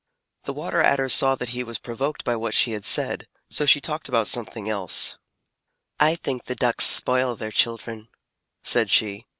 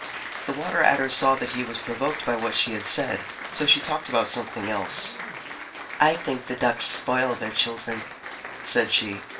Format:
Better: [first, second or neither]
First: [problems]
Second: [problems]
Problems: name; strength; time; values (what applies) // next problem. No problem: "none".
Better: first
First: none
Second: background sound (Applause); 10 dB below the speech // room echo; dies away in 0.2 s